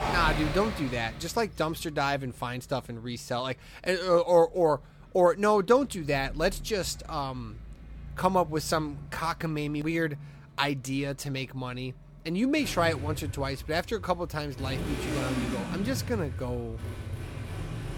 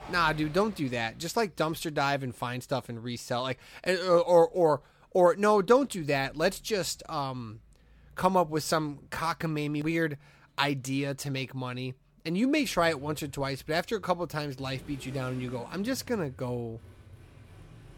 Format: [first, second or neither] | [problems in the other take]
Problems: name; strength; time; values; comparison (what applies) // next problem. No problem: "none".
second | traffic noise; loud; throughout; 9 dB below the speech; faint in the second